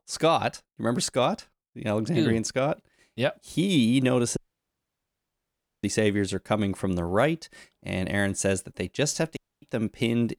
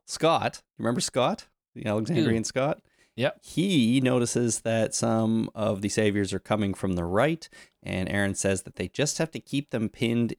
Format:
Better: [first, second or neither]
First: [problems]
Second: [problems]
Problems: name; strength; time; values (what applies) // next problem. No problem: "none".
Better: second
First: audio cutting out; at 4.5 s for 1.5 s and at 9.5 s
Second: none